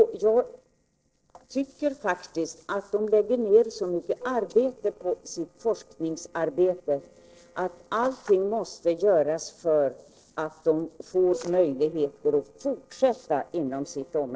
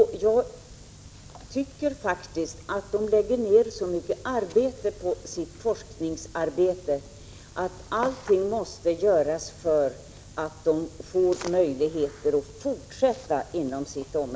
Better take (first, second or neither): second